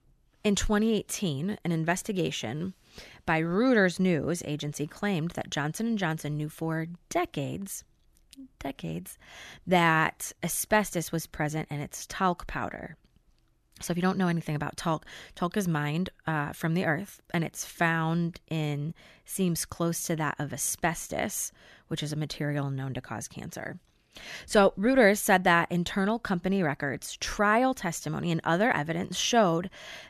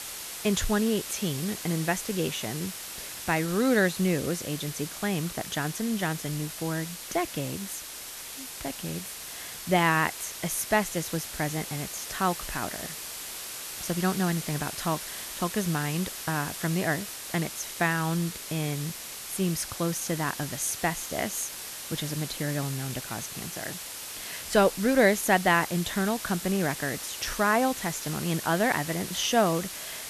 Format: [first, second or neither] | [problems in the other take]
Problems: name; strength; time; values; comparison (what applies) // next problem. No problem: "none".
first | hiss; loud; throughout; 7 dB below the speech